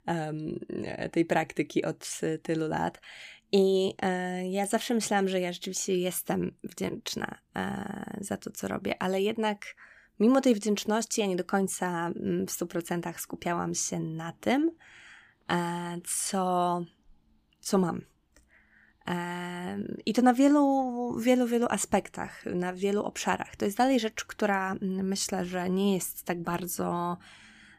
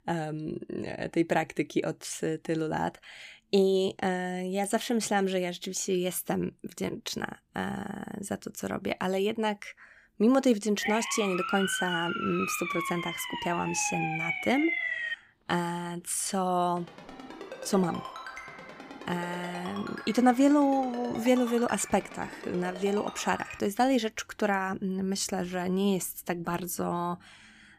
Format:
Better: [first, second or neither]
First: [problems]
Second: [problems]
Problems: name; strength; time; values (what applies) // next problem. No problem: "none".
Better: first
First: none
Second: siren; loud; from 11 to 15 s; peak level with the speech // phone ringing; faint; from 17 to 24 s; peak 10 dB below the speech